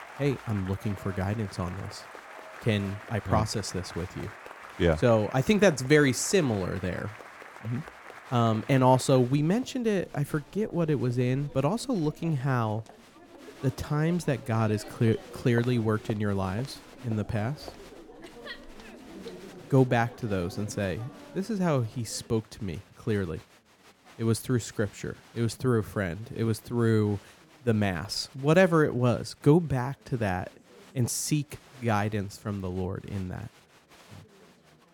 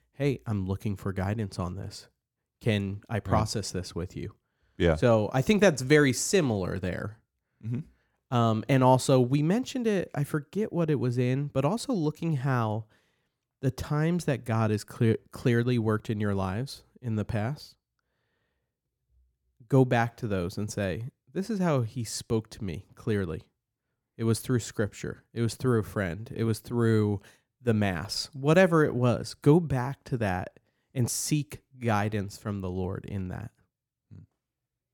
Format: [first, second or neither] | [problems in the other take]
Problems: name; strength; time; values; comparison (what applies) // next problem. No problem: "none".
second | crowd noise; noticeable; throughout; 20 dB below the speech